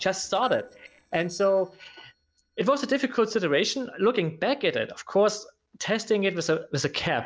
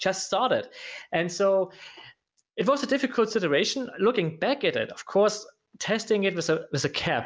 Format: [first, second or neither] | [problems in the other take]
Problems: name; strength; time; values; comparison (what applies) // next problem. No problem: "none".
second | noise reduction (neural separator model SepFormer DNS4)